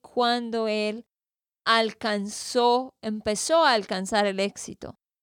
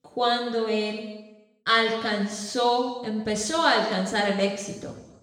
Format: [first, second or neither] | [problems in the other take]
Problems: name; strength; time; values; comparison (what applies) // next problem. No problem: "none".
first | room echo; noticeable; dies away in 1 s // off-mic speech; far